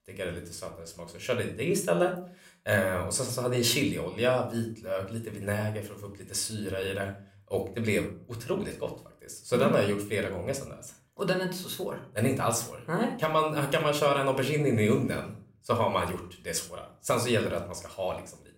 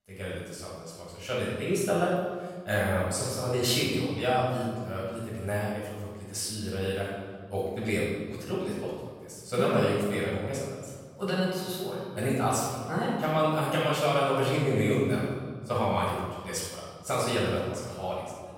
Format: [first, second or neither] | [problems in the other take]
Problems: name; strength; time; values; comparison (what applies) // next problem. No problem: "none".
first | room echo; strong; dies away in 1.5 s; slight in the first // off-mic speech; far